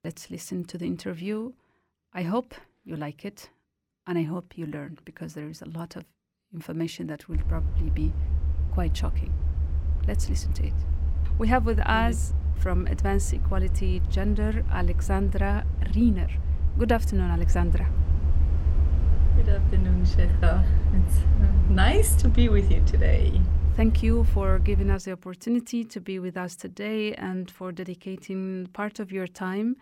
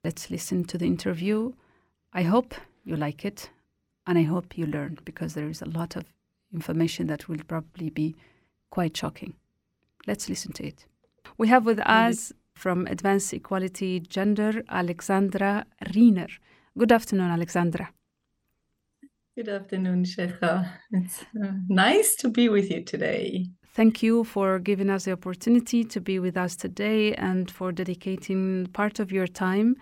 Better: second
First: low rumble; noticeable; from 7.5 to 25 s; 10 dB below the speech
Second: none

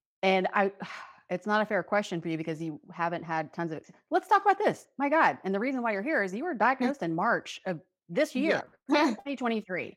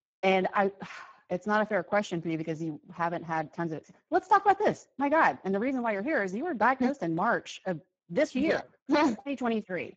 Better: first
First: none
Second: garbled, watery; badly; nothing above 7.5 kHz

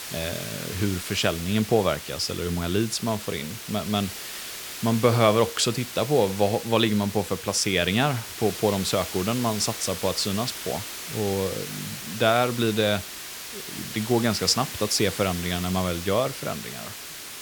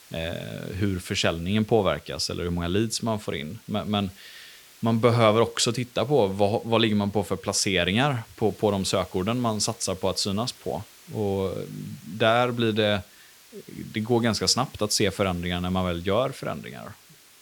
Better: second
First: hiss; loud; throughout; 9 dB below the speech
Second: hiss; faint; throughout; 25 dB below the speech

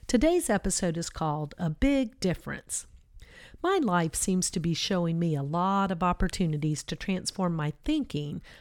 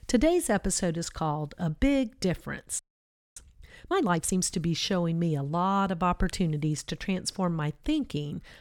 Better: first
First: none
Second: audio freezing; at 3 s for 0.5 s

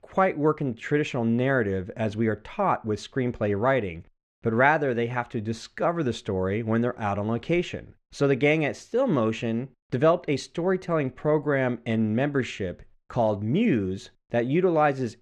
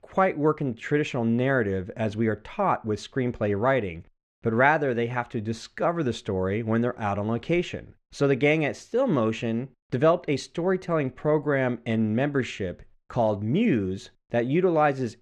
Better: neither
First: muffled; slightly; fading above 2.5 kHz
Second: muffled; slightly; fading above 2.5 kHz

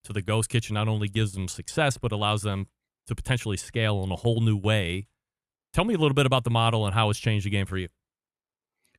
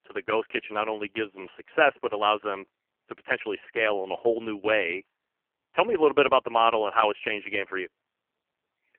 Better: first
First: none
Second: phone-call audio; poor line; nothing above 3 kHz

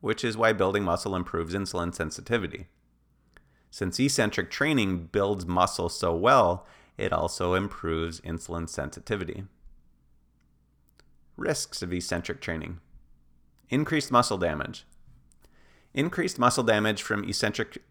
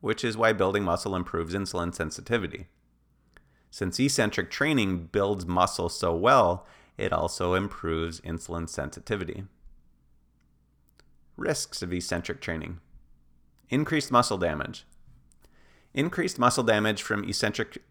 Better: neither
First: none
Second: none

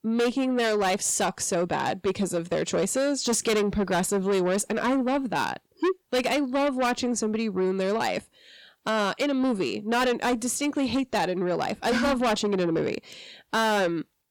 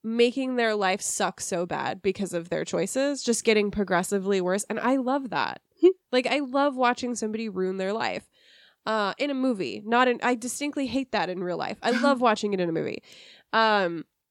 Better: second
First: distortion; heavy; 6 dB below the speech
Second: none

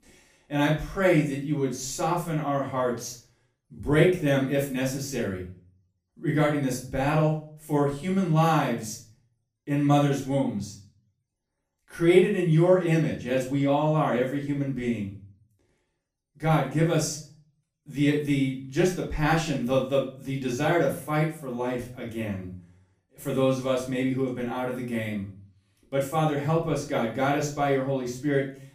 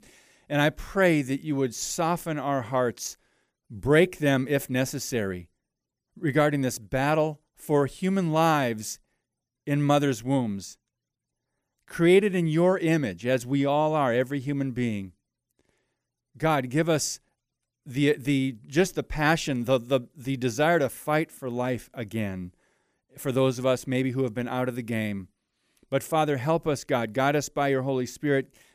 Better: second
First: off-mic speech; far // room echo; slight; dies away in 0.4 s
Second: none

